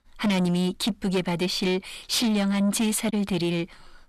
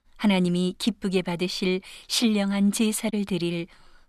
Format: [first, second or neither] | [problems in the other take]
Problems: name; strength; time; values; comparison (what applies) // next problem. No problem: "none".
second | distortion; slight; 10 dB below the speech